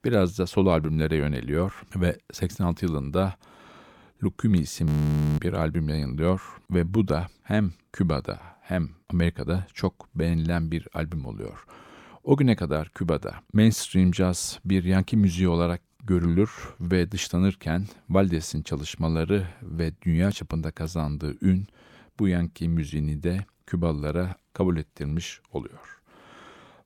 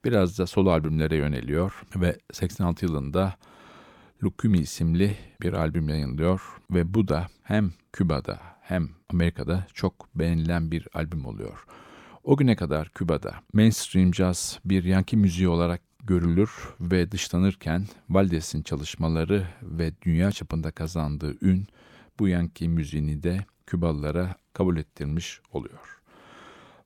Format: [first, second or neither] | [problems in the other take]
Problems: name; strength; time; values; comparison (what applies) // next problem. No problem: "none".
second | audio freezing; at 5 s for 0.5 s